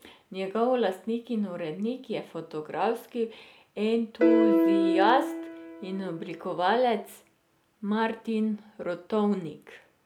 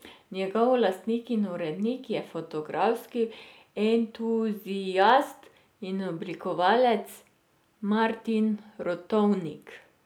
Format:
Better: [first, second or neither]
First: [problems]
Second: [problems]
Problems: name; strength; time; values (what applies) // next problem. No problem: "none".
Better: second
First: background sound (Piano); 2 dB above the speech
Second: none